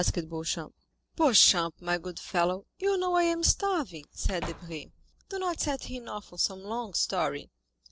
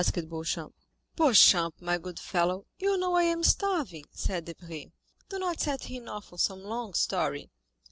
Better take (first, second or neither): second